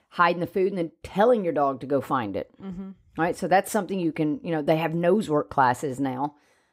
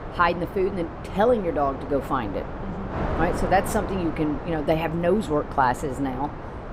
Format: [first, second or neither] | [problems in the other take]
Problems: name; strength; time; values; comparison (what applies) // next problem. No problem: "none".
first | wind noise on the microphone; heavy; 10 dB below the speech